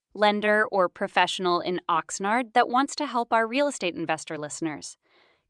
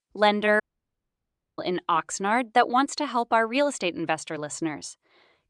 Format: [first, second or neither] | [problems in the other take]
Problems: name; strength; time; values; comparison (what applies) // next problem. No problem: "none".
first | audio cutting out; at 0.5 s for 1 s